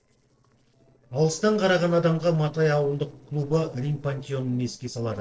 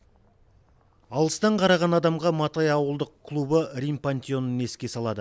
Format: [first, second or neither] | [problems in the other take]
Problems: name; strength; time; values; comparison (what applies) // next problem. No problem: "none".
second | noise reduction (neural separator model SepFormer DNS4)